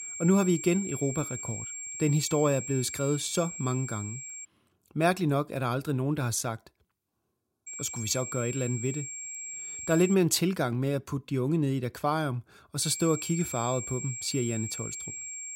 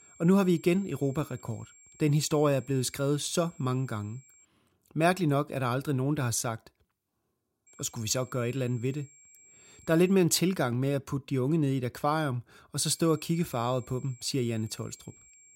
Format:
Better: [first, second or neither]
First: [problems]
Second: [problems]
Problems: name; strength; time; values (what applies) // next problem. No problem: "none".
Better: second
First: high-pitched whine; loud; until 4.5 s, from 7.5 to 10 s and from 13 s on; 7.5 kHz, 7 dB below the speech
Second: high-pitched whine; faint; until 4.5 s, from 7.5 to 10 s and from 13 s on; 7.5 kHz, 25 dB below the speech